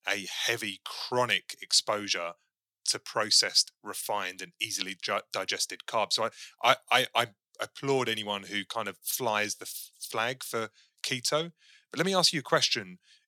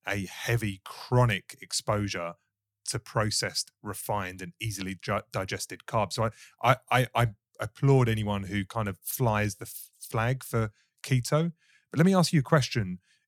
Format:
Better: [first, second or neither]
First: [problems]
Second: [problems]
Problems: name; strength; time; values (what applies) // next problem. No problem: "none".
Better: second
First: thin; somewhat; fading below 350 Hz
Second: none